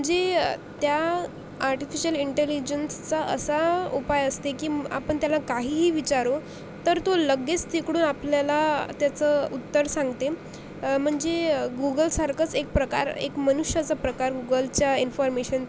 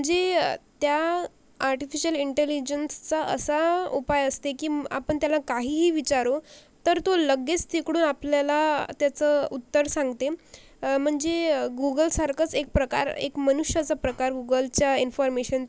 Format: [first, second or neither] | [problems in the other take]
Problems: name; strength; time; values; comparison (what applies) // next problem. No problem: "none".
second | background sound (Microwave oven); 15 dB below the speech